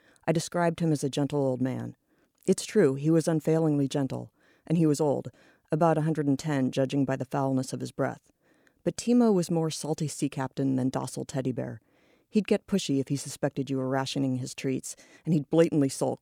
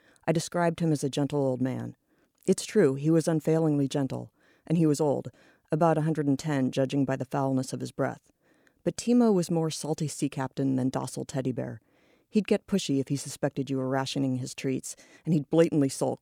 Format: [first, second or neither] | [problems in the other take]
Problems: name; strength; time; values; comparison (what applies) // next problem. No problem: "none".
neither | none